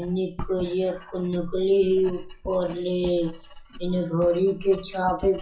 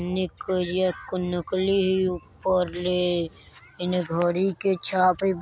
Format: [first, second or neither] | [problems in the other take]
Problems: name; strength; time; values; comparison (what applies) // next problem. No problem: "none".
second | noise reduction (classical method WPE with log-MMSE)